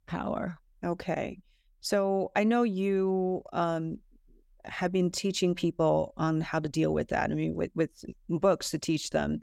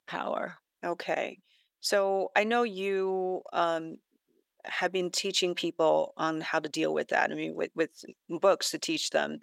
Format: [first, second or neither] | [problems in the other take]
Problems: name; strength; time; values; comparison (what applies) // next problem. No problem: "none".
first | thin; somewhat; fading below 400 Hz